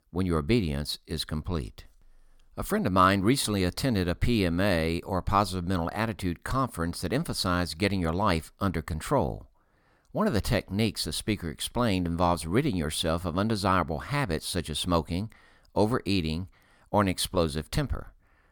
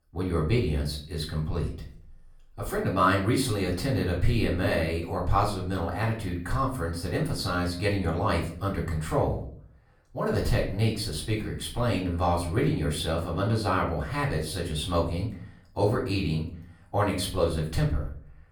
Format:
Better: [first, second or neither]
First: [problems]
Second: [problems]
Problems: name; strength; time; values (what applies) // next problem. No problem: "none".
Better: first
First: none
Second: off-mic speech; far // room echo; slight; dies away in 0.5 s